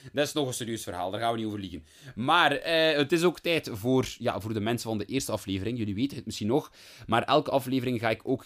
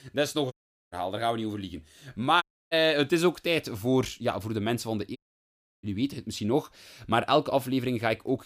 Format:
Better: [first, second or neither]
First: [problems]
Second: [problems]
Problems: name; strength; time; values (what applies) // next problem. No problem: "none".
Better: first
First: none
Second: audio cutting out; at 0.5 s, at 2.5 s and at 5 s for 0.5 s